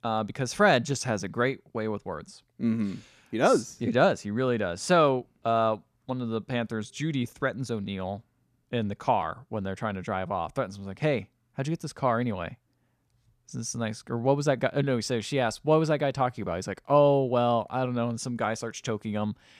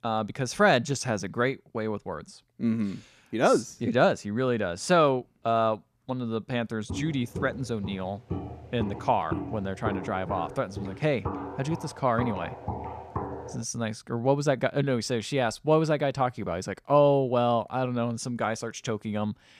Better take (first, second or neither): first